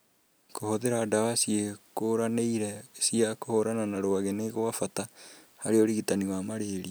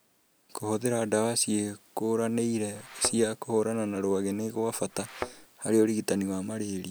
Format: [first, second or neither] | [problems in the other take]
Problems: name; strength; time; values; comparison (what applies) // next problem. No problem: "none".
first | background sound (Thump, thud); 12 dB below the speech